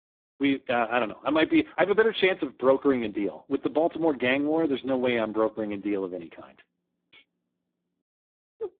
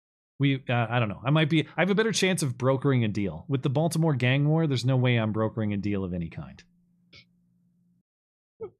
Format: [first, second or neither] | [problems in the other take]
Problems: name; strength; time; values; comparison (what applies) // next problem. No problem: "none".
second | phone-call audio; poor line; nothing above 3.5 kHz